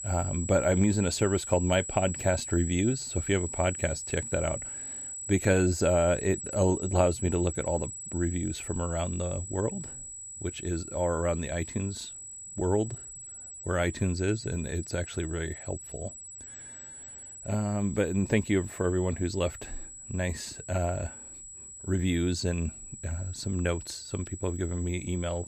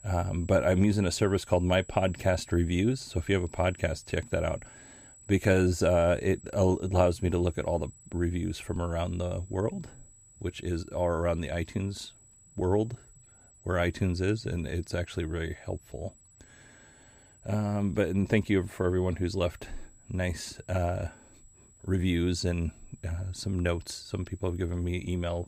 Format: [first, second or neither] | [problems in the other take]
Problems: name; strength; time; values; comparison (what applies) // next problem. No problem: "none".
second | high-pitched whine; loud; throughout; 8 kHz, 9 dB below the speech; faint in the second